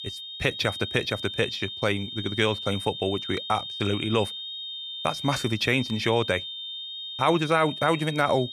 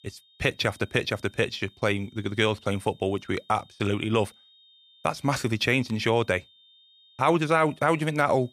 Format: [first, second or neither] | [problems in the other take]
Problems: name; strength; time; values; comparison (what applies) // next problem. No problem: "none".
second | high-pitched whine; loud; throughout; 3.5 kHz, 7 dB below the speech; faint in the second